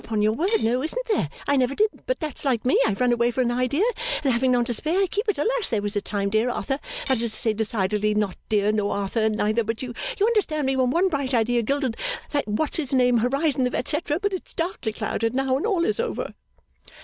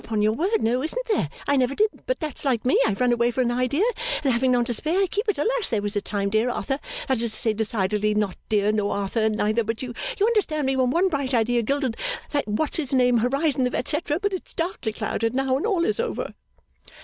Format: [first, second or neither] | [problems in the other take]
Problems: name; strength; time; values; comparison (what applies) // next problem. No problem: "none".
second | background sound (Cutlery, silverware / Dishes, pots, and pans); 16 dB below the speech